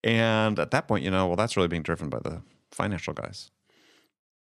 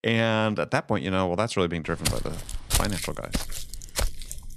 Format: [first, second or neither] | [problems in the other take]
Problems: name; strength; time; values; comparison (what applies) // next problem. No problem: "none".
first | footsteps; loud; from 2 s on; peak 1 dB above the speech